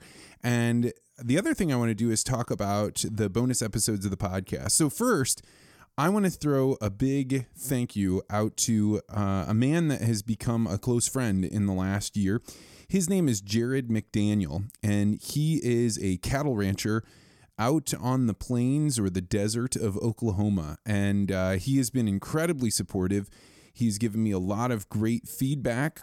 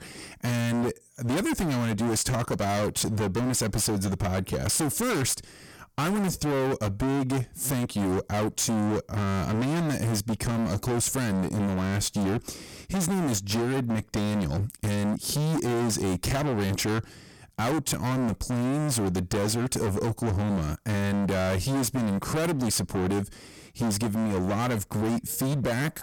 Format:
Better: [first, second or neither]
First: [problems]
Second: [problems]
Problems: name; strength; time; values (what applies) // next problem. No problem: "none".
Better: first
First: none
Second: distortion; heavy; 39% of the sound clipped